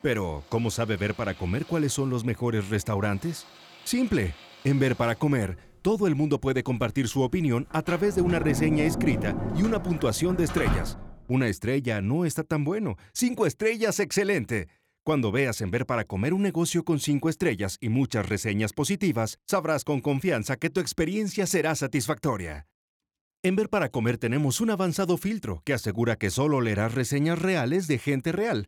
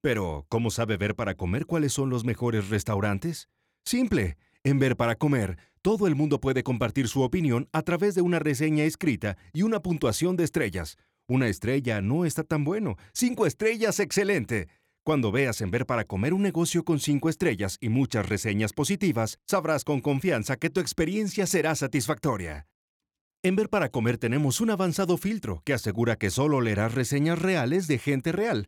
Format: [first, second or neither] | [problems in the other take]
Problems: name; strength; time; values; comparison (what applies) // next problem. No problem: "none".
second | household noises; loud; until 11 s; 7 dB below the speech